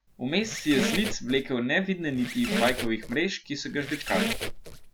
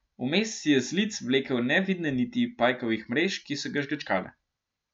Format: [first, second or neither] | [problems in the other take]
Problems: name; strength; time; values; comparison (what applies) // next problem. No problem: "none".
second | background sound (Squeak); 4 dB below the speech